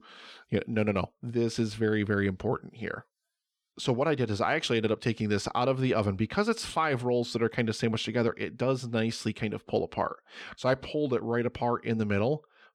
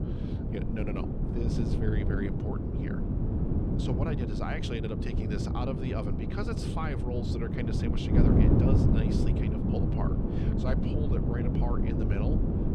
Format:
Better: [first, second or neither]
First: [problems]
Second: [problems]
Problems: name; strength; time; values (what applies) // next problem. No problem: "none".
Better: first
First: none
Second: wind noise on the microphone; heavy; 2 dB above the speech